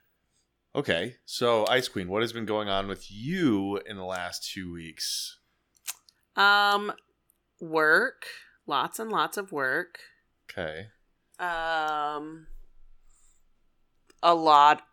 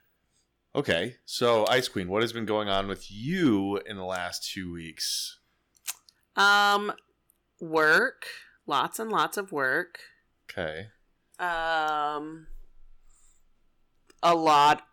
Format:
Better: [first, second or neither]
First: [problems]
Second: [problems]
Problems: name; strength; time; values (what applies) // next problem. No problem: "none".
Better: first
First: none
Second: distortion; slight; 1.1% of the sound clipped